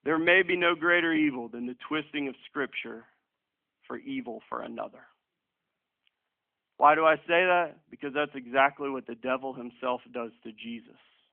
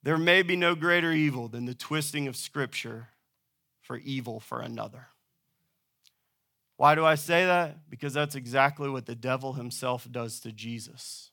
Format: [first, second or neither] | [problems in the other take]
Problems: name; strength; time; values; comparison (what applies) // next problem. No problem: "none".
second | phone-call audio; nothing above 3.5 kHz